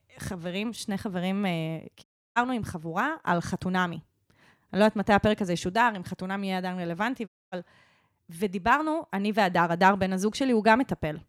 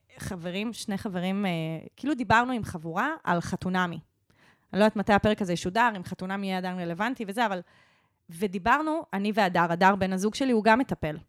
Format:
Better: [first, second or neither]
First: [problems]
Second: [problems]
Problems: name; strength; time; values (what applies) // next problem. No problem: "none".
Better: second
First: audio cutting out; at 2 s and at 7.5 s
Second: none